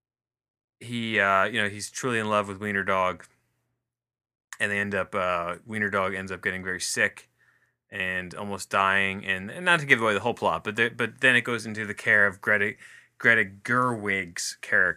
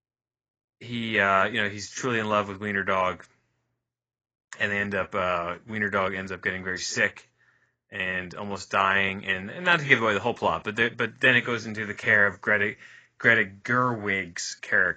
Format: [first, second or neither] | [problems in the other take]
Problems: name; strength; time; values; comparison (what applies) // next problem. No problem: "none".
first | garbled, watery; badly; nothing above 7.5 kHz